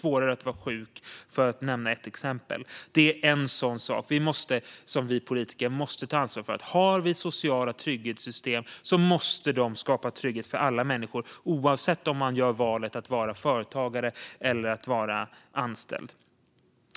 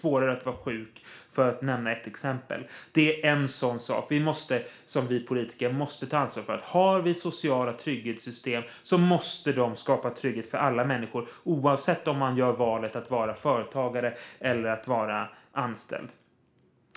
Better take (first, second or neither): first